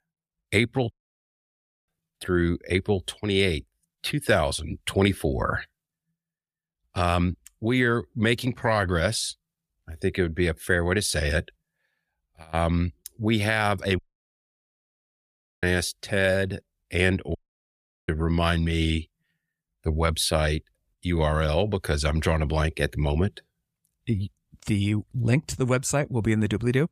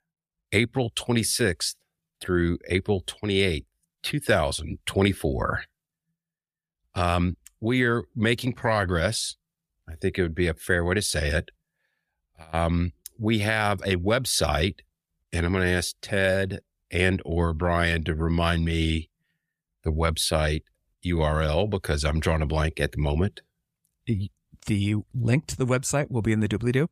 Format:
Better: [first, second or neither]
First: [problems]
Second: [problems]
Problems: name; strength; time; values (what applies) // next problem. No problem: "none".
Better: second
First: audio cutting out; at 1 s for 1 s, at 14 s for 1.5 s and at 17 s for 0.5 s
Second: none